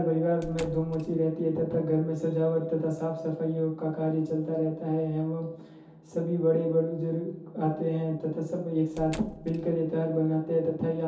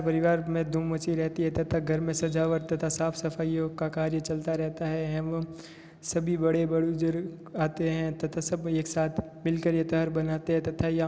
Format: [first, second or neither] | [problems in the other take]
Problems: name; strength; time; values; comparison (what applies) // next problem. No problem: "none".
second | background sound (Squeak / Slam / Wood); 16 dB below the speech // room echo; dies away in 0.5 s